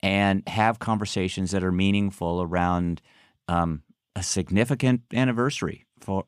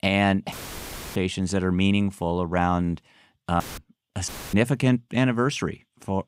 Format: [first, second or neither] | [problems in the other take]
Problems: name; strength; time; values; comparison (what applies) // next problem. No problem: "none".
first | audio cutting out; filled with static; at 0.5 s for 0.5 s, at 3.5 s and at 4.5 s